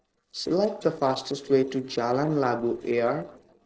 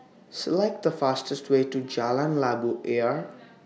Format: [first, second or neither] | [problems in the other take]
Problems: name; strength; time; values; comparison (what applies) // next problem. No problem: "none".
second | noise reduction (neural separator model SepFormer DNS4)